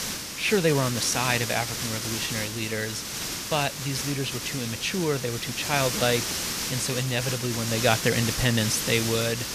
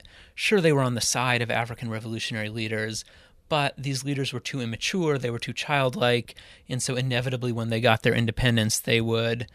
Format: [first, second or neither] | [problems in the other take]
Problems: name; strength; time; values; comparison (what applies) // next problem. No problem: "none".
second | hiss; loud; throughout; 2 dB below the speech